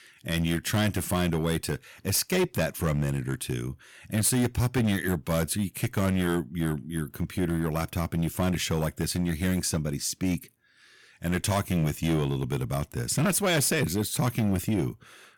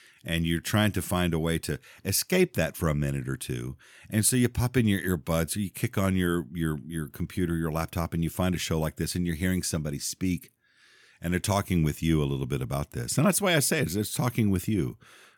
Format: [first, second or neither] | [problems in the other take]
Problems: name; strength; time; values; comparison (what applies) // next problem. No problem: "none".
second | distortion; slight; 7% of the sound clipped